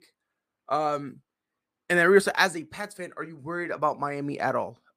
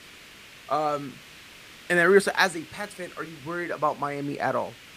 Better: first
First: none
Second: hiss; faint; throughout; 20 dB below the speech

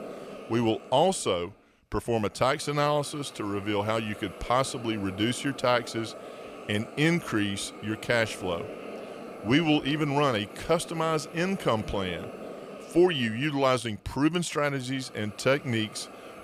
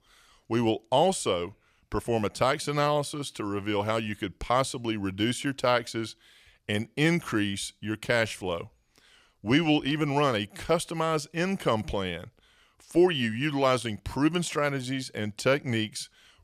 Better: second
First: hiss; noticeable; throughout; 15 dB below the speech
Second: none

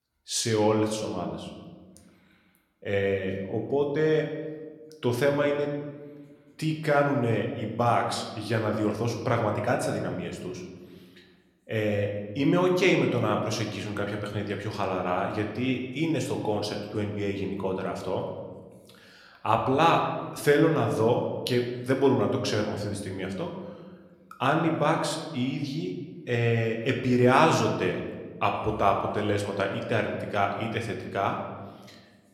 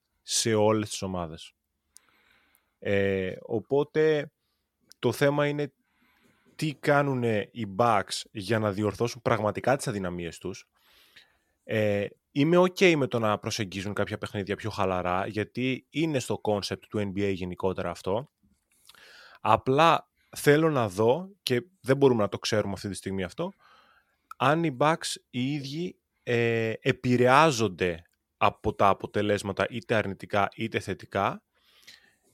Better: second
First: room echo; slight; dies away in 1.2 s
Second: none

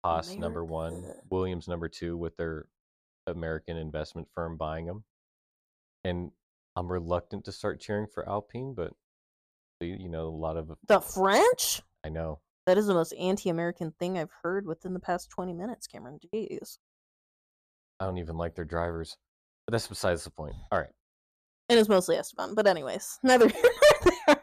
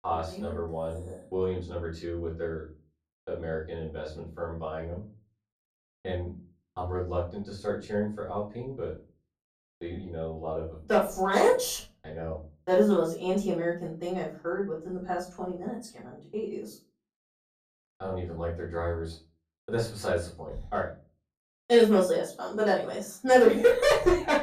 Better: first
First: none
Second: off-mic speech; far // room echo; slight; dies away in 0.3 s

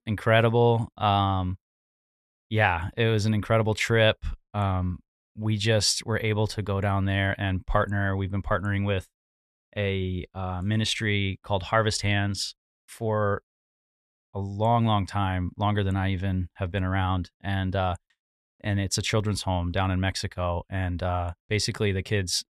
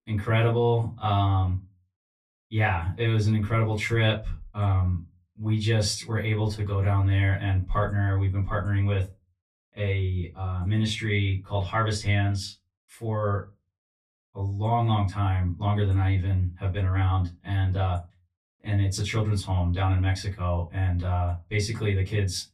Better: first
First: none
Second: off-mic speech; far // room echo; very slight; dies away in 0.2 s

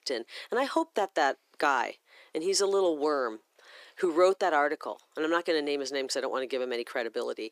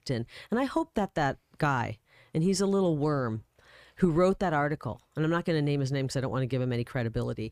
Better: second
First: thin; very; fading below 350 Hz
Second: none

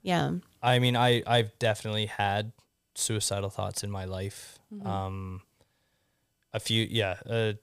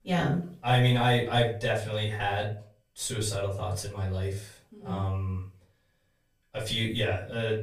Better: first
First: none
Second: room echo; slight; dies away in 0.3 s // off-mic speech; far

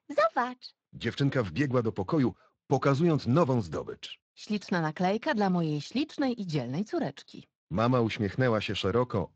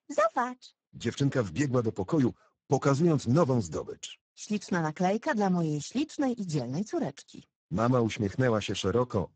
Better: first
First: garbled, watery; slightly; nothing above 7.5 kHz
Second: garbled, watery; badly; nothing above 7.5 kHz

